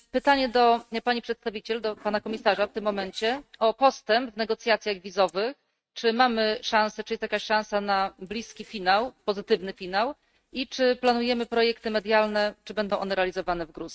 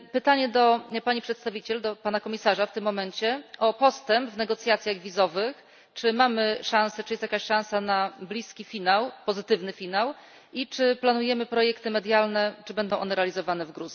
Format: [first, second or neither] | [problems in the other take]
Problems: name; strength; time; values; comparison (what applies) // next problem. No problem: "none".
second | noise reduction (neural mask model RNNoise)